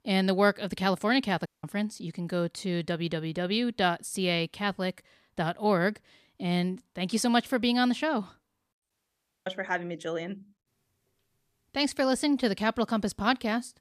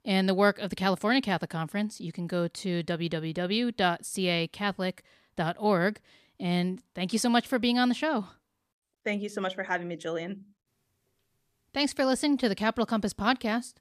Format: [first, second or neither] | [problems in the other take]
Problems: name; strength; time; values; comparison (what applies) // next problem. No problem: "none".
second | audio cutting out; at 1.5 s and at 9 s for 0.5 s